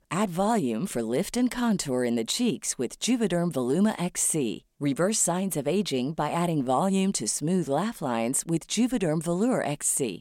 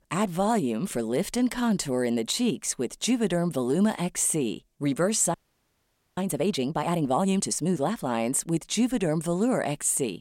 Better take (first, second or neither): first